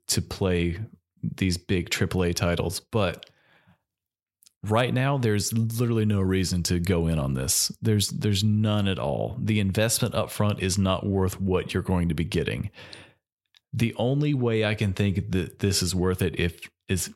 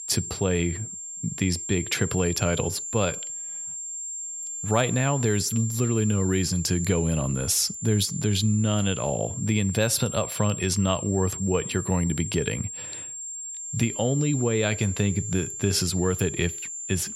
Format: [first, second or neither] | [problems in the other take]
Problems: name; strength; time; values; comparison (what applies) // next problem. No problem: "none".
first | high-pitched whine; loud; throughout; 7.5 kHz, 7 dB below the speech